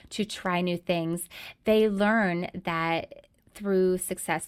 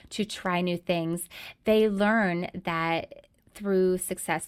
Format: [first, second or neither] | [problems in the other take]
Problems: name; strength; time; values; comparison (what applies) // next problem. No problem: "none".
neither | none